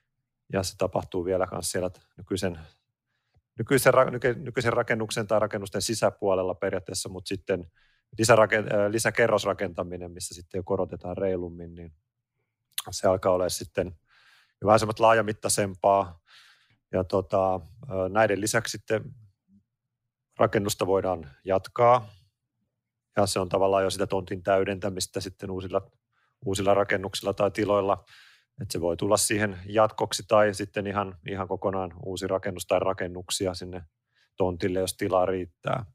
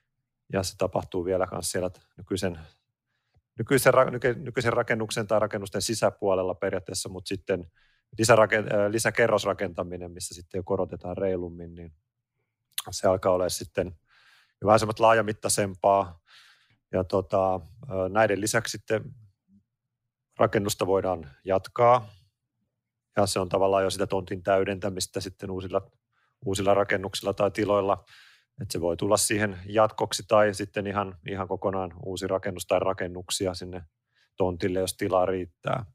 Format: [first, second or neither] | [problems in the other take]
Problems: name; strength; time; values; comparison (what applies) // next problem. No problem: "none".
neither | none